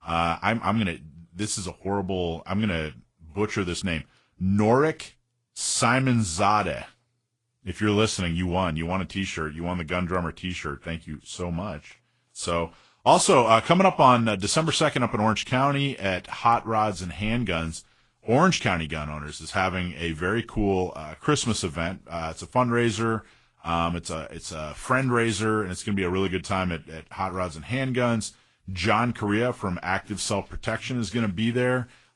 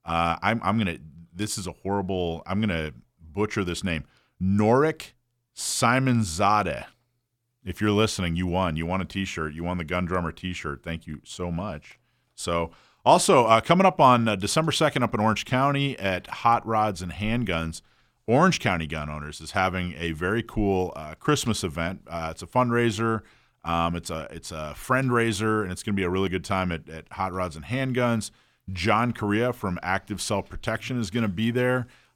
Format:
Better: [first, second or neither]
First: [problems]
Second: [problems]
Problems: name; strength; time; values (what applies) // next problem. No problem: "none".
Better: second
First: garbled, watery; slightly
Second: none